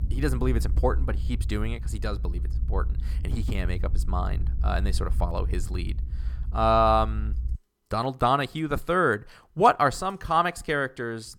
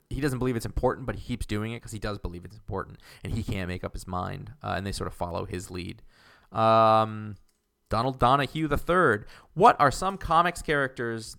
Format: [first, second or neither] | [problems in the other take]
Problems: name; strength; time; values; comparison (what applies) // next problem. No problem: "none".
second | low rumble; faint; until 7.5 s; 25 dB below the speech